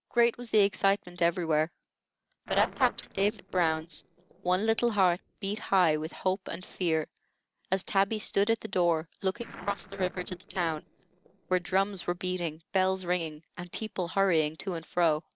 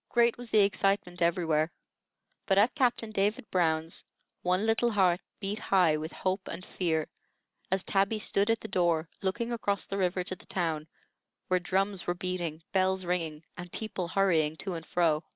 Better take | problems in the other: second | noise reduction (neural separator model SepFormer DNS4)

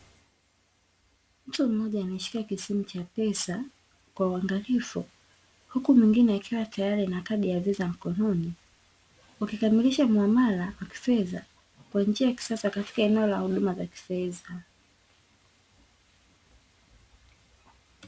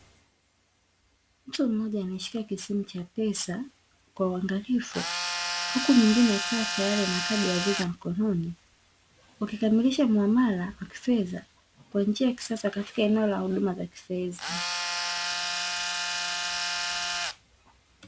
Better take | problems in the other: first | background sound (Tools); 2 dB below the speech

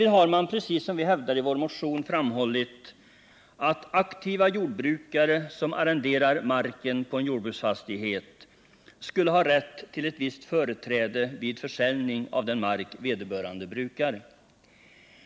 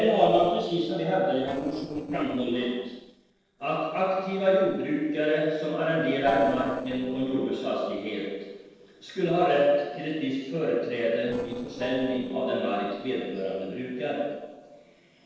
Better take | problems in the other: first | noise reduction (neural separator model SepFormer DNS4)

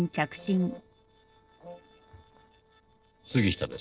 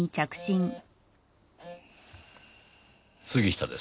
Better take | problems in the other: second | noise reduction (neural separator model SepFormer DNS4)

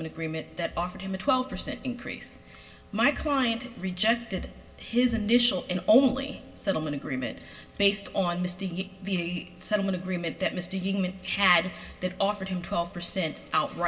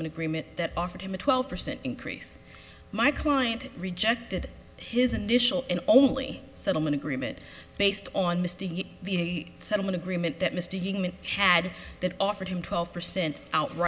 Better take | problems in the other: second | room echo; dies away in 1.5 s

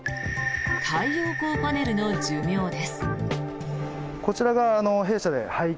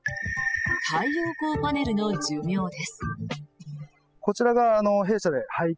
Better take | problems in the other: first | noise reduction (classical method spectral subtraction)

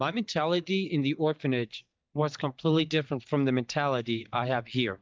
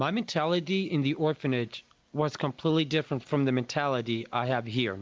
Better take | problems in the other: second | noise reduction (neural mask model DeepFilterNet 3)

